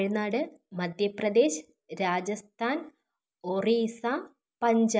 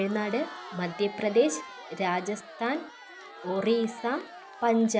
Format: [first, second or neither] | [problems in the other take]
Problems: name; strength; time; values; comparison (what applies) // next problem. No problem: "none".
first | background sound (Crowd); 15 dB below the speech